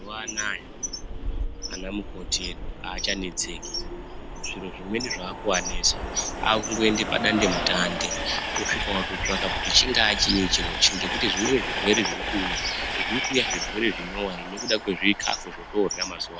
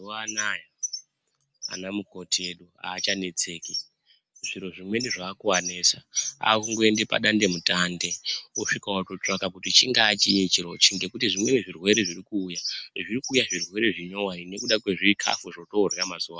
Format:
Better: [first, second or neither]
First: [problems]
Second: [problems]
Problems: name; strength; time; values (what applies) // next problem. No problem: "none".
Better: second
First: background sound (Train); 4 dB below the speech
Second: none